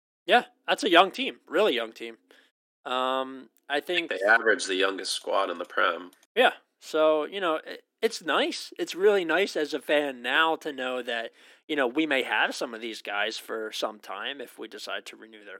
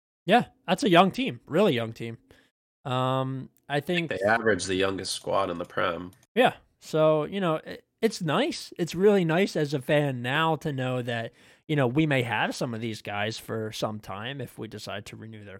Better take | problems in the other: second | thin; somewhat; fading below 300 Hz

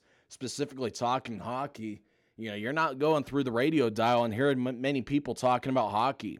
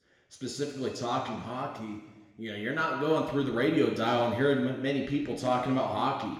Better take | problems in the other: first | room echo; noticeable; dies away in 1.3 s // off-mic speech; somewhat distant

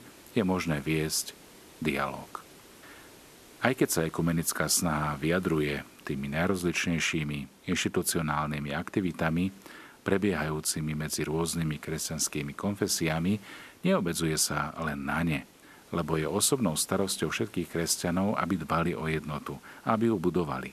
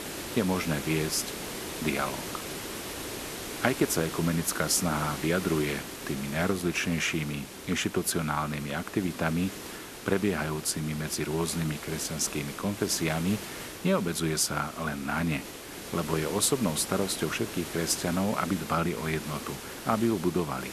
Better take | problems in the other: first | hiss; loud; throughout; 9 dB below the speech; faint in the first

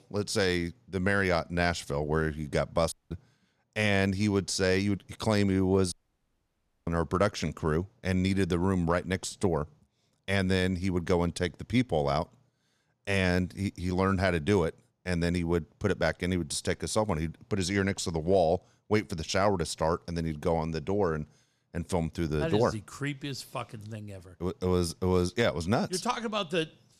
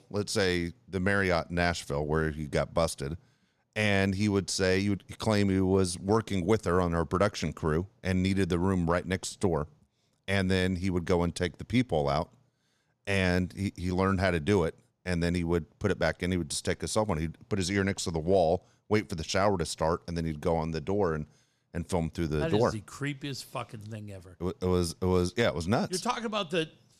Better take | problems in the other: second | audio cutting out; at 3 s and at 6 s for 1 s

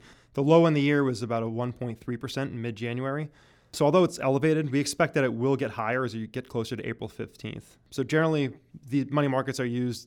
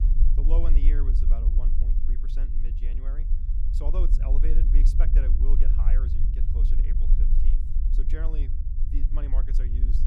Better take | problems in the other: first | low rumble; loud; throughout; 3 dB below the speech

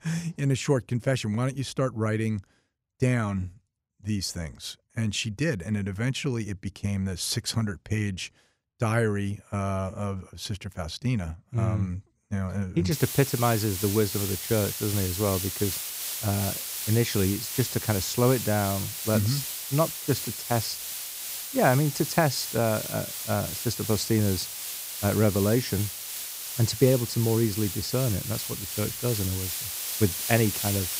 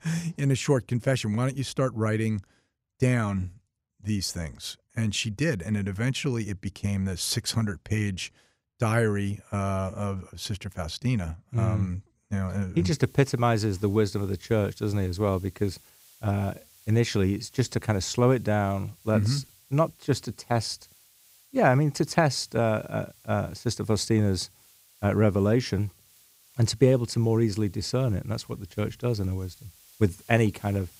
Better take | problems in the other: second | hiss; loud; from 13 s on; 4 dB below the speech; faint in the second

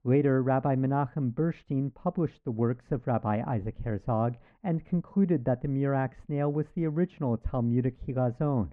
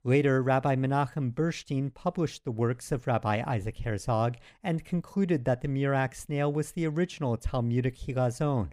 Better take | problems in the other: second | muffled; very; fading above 1.5 kHz

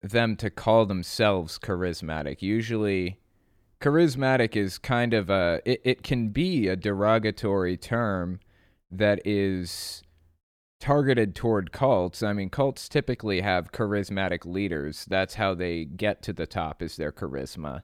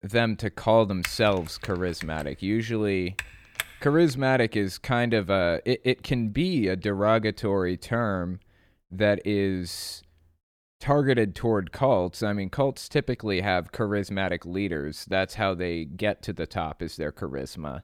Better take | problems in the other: first | keyboard typing; noticeable; from 1 to 4 s; peak 8 dB below the speech

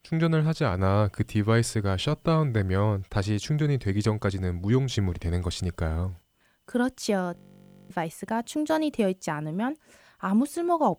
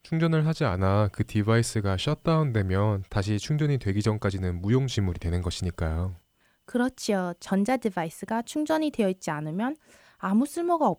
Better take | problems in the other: second | audio freezing; at 7.5 s for 0.5 s

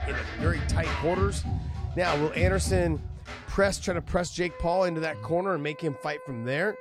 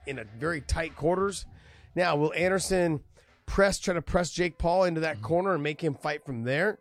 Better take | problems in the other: second | background music; loud; throughout; 4 dB below the speech; faint in the second

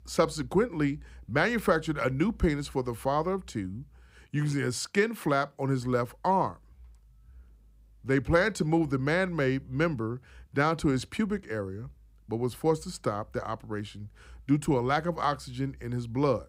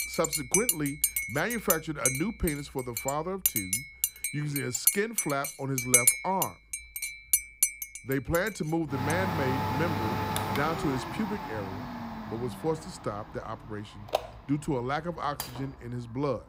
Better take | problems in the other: first | household noises; very loud; throughout; 3 dB above the speech

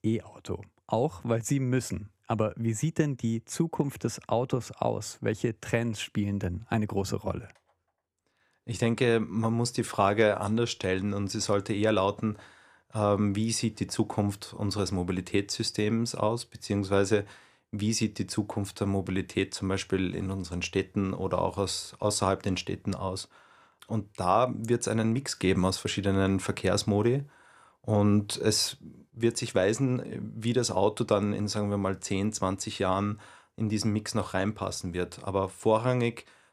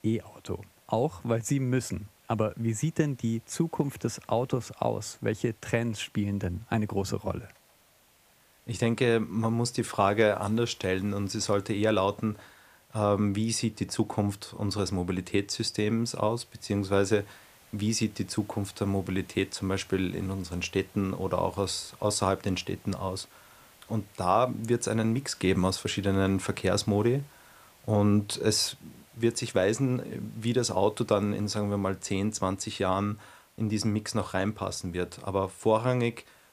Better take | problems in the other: first | hiss; faint; throughout; 30 dB below the speech

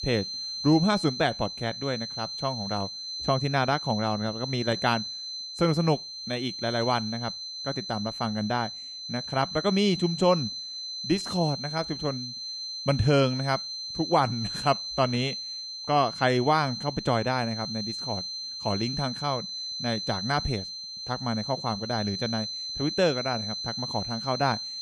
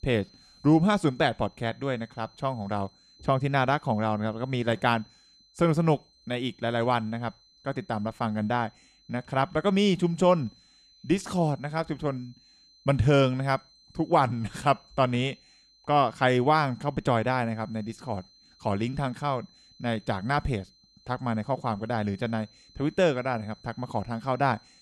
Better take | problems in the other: second | high-pitched whine; loud; throughout; 4 kHz, 5 dB below the speech; faint in the second

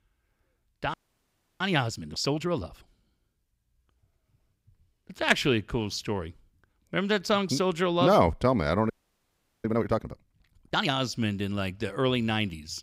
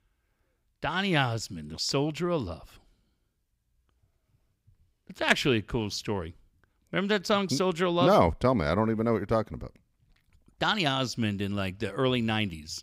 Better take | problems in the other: second | audio freezing; at 1 s for 0.5 s and at 9 s for 0.5 s

